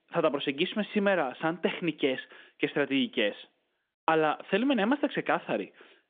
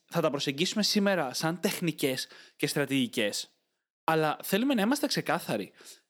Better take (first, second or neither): second